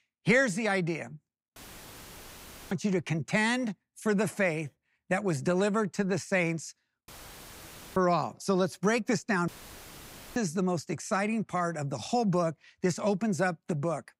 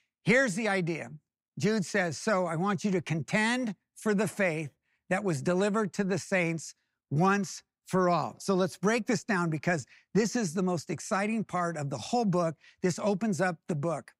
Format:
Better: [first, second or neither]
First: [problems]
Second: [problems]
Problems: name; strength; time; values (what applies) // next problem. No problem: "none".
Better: second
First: audio cutting out; filled with static; at 1.5 s for 1 s, at 7 s for 1 s and at 9.5 s for 1 s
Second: none